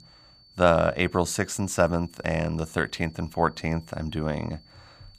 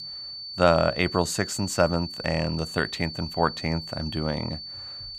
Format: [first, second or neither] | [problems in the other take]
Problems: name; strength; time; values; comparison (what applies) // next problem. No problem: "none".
first | high-pitched whine; loud; throughout; 4.5 kHz, 9 dB below the speech; faint in the first